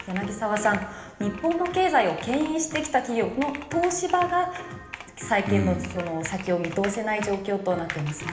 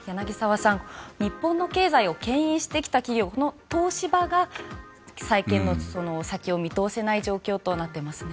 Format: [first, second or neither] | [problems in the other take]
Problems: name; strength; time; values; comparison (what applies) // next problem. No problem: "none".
second | background sound (Computer keyboard); 15 dB below the speech // room echo; dies away in 1 s